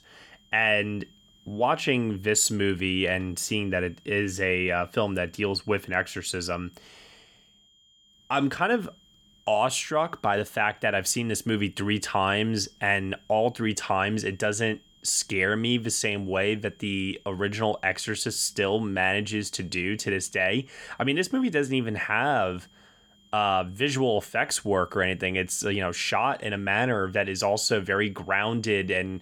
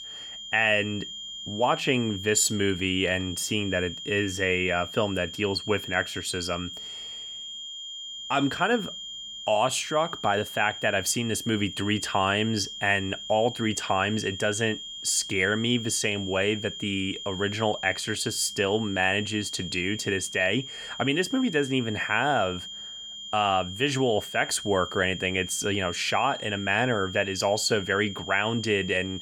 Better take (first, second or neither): first